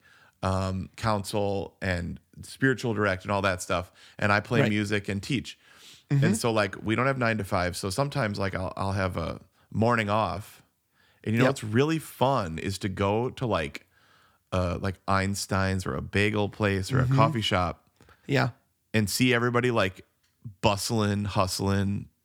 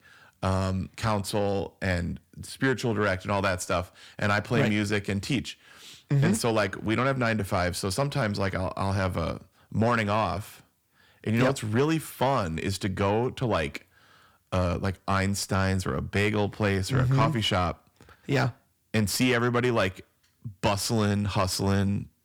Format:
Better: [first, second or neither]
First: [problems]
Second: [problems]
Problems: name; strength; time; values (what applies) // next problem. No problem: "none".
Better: first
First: none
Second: distortion; slight; 10 dB below the speech